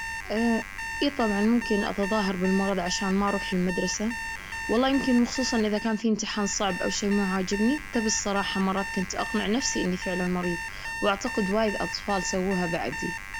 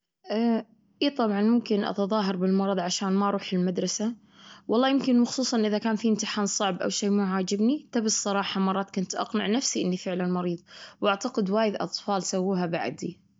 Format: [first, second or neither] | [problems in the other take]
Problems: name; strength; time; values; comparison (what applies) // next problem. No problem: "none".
second | background sound (Alarm); 8 dB below the speech